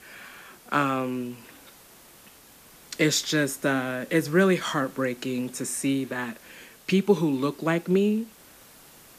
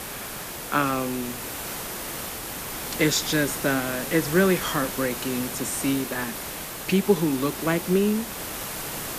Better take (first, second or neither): first